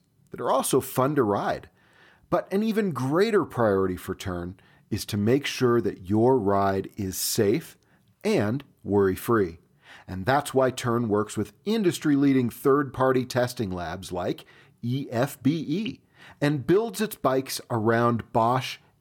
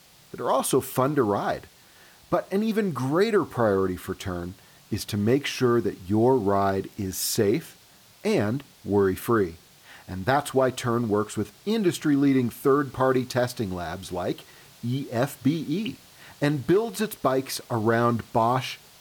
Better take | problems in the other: first | hiss; faint; throughout; 25 dB below the speech

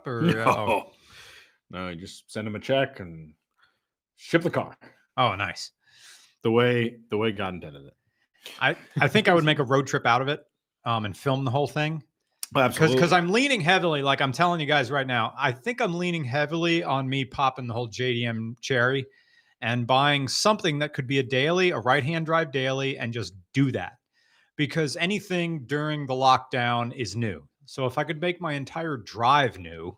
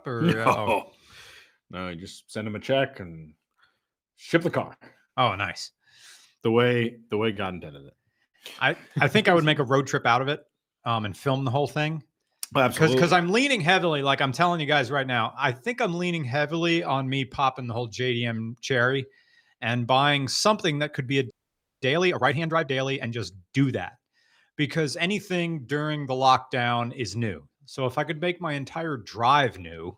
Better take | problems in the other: first | audio freezing; at 21 s for 0.5 s

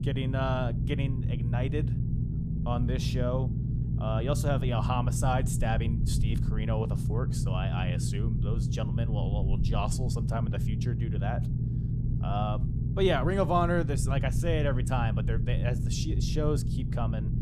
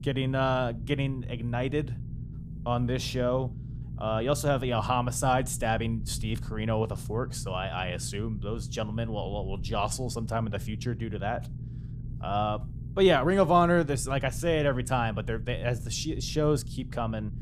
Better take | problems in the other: second | low rumble; loud; throughout; 8 dB below the speech; faint in the second

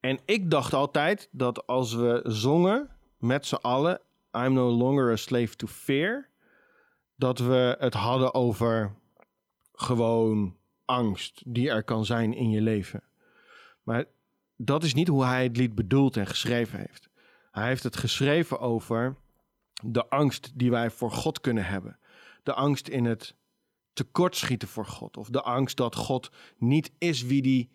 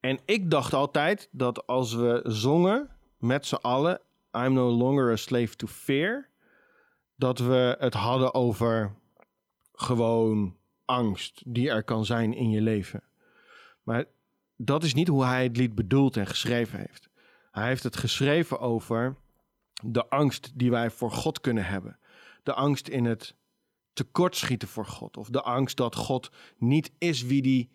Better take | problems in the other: neither | none

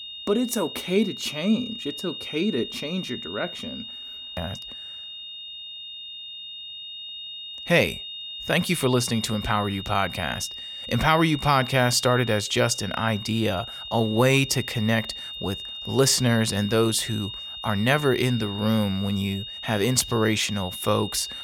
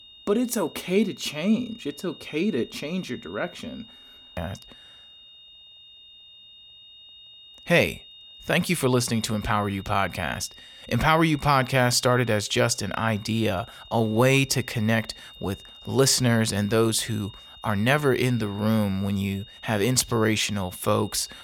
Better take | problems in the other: second | high-pitched whine; loud; throughout; 3.5 kHz, 10 dB below the speech; faint in the second

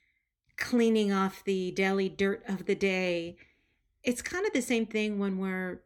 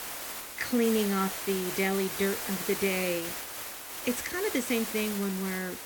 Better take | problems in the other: first | hiss; loud; throughout; 4 dB below the speech

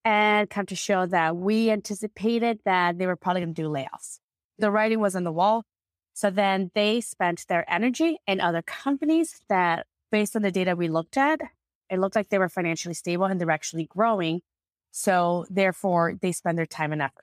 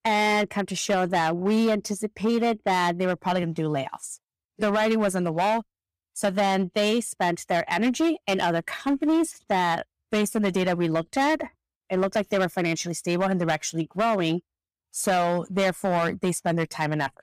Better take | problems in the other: first | distortion; slight; 10% of the sound clipped

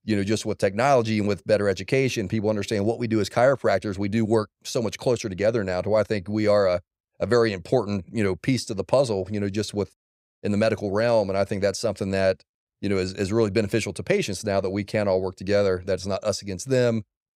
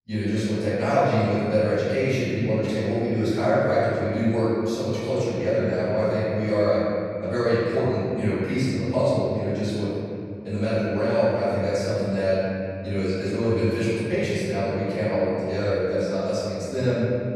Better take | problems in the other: first | off-mic speech; far // room echo; strong; dies away in 2.6 s

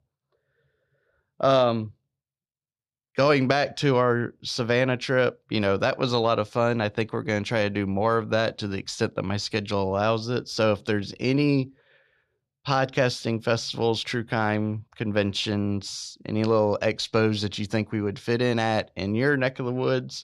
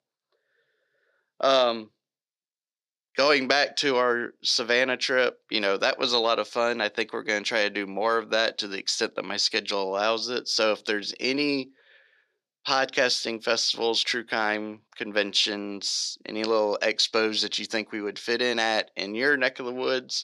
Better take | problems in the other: first | thin; somewhat; fading below 300 Hz

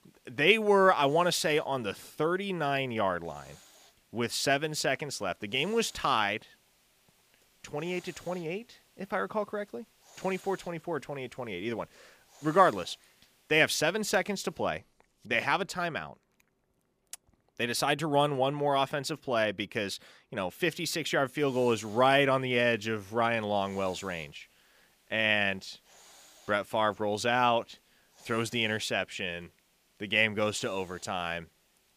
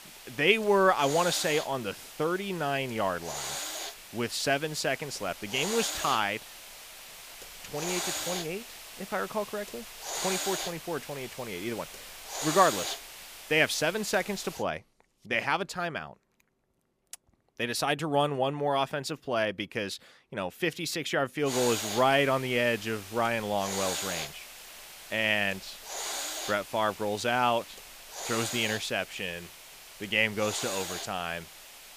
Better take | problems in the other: first | hiss; loud; until 15 s and from 21 s on; 8 dB below the speech; faint in the first

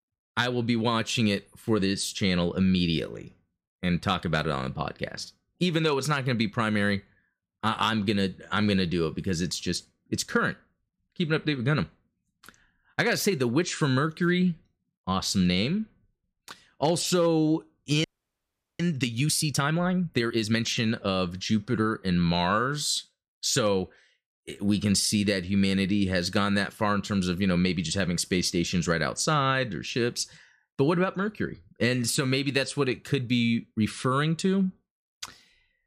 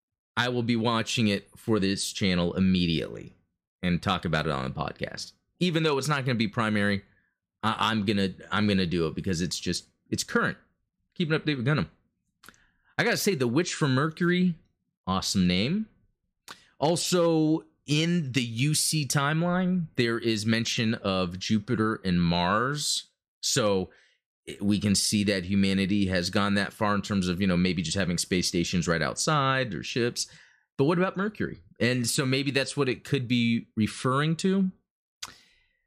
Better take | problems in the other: second | audio freezing; at 18 s for 1 s

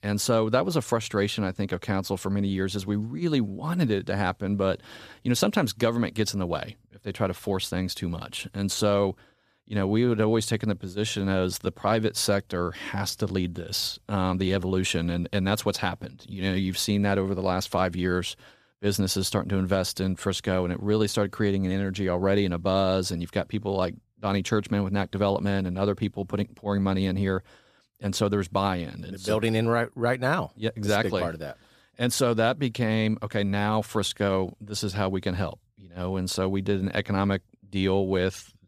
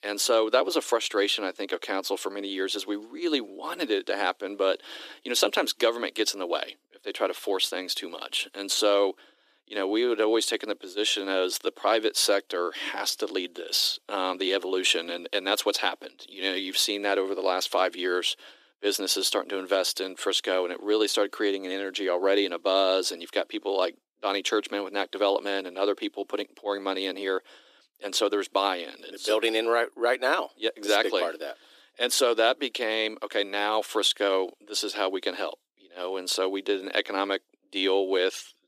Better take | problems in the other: first | thin; somewhat; fading below 300 Hz

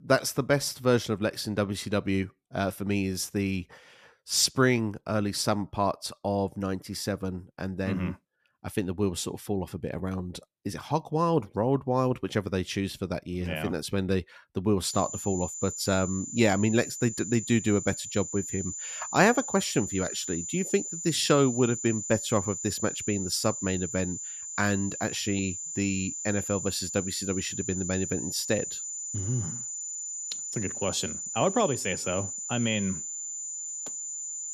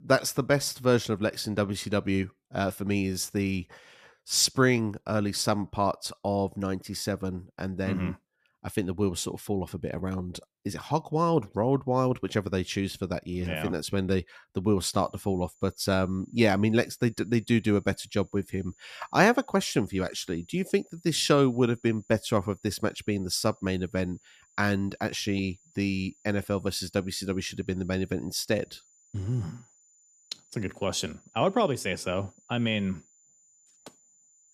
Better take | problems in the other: second | high-pitched whine; loud; from 15 s on; 7 kHz, 5 dB below the speech; faint in the second

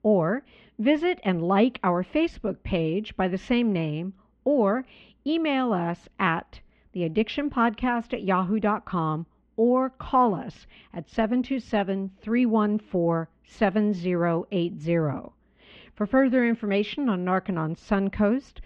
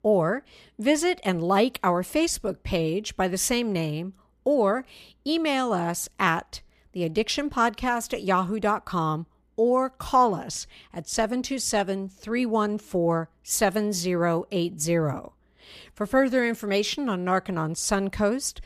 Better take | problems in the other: second | muffled; very; fading above 3 kHz

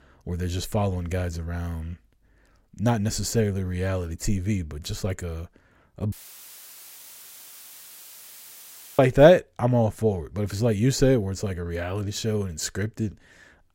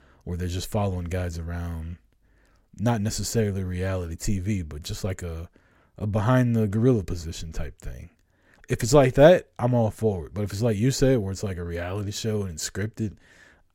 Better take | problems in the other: second | audio cutting out; filled with static; at 6 s for 3 s

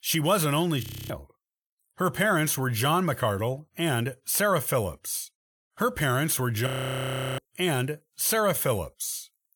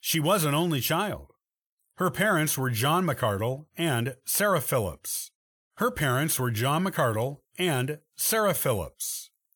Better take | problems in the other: second | audio freezing; at 1 s and at 6.5 s for 0.5 s

